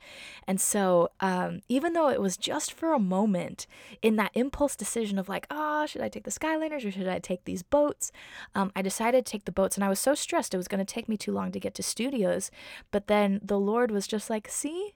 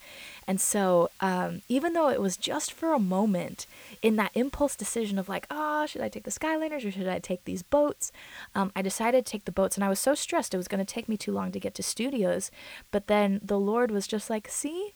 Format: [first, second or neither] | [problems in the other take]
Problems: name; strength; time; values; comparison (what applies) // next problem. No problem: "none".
first | hiss; faint; throughout; 25 dB below the speech